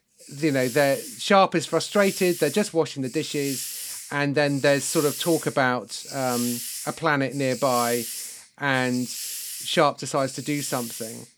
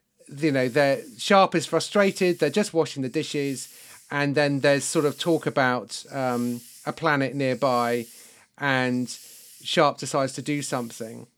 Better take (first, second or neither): second